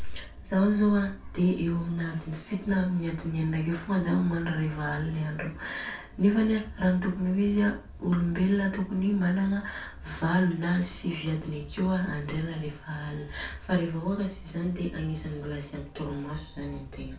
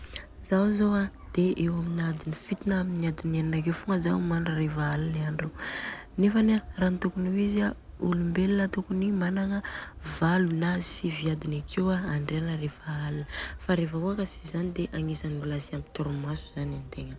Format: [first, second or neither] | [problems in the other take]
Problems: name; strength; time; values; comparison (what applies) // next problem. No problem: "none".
second | room echo; dies away in 0.3 s